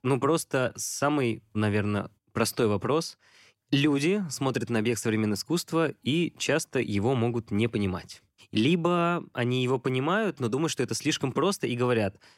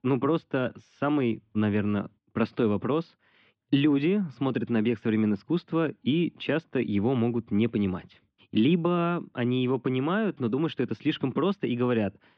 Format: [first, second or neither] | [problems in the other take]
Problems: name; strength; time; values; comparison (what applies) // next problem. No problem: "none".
first | muffled; very; fading above 3.5 kHz